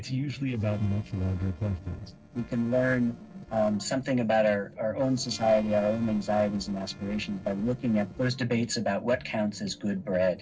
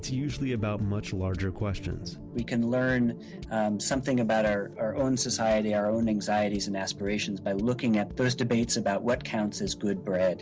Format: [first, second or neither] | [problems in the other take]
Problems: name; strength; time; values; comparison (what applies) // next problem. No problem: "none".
second | noise reduction (neural separator model SepFormer DNS4)